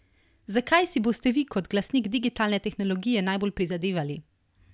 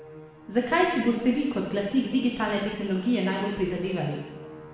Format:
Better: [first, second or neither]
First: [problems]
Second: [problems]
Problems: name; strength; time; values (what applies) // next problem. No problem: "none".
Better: first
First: none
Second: background sound (Musical instrument); 18 dB below the speech // room echo; dies away in 1.1 s